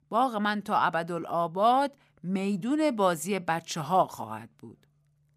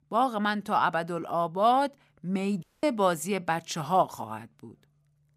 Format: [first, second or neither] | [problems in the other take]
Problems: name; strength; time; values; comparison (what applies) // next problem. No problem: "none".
first | audio cutting out; at 2.5 s